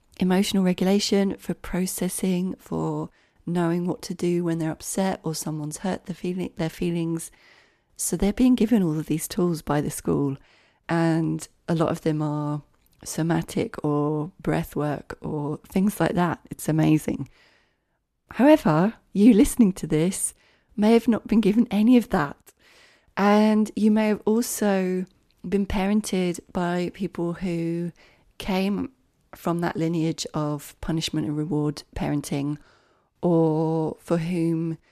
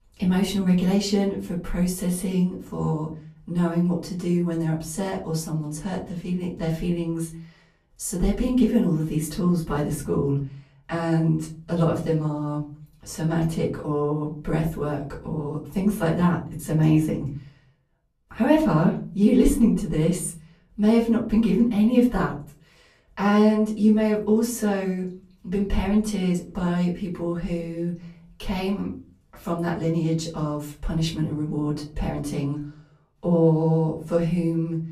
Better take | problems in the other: first | off-mic speech; far // room echo; slight; dies away in 0.5 s

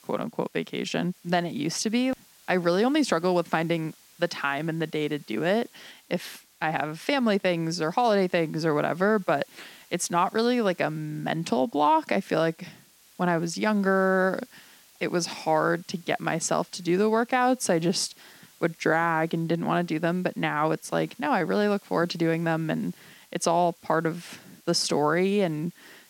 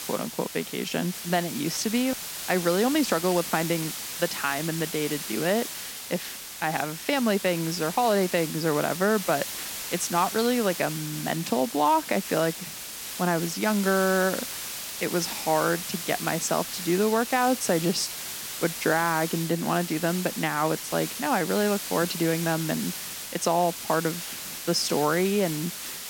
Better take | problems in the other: first | hiss; loud; throughout; 7 dB below the speech; faint in the first

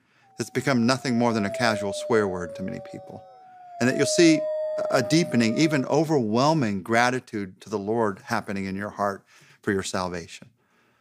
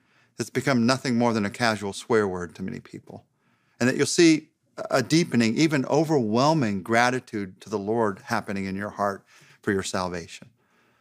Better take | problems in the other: second | dog barking; noticeable; from 1 to 6 s; peak 4 dB below the speech

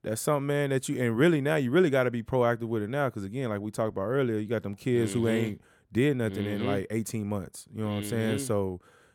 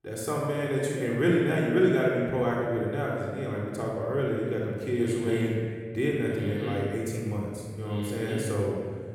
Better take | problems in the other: first | off-mic speech; far // room echo; strong; dies away in 1.8 s

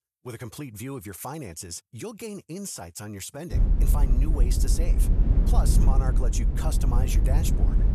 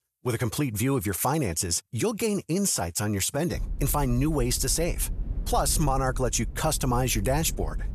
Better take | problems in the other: second | low rumble; loud; from 3.5 s on; 3 dB below the speech; faint in the second

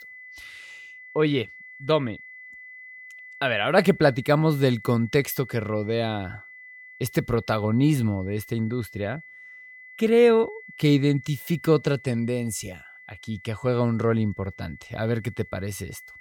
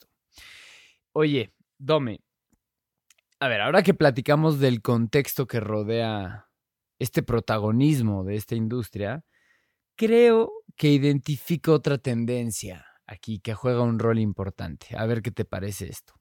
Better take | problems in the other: second | high-pitched whine; noticeable; throughout; 2 kHz, 20 dB below the speech

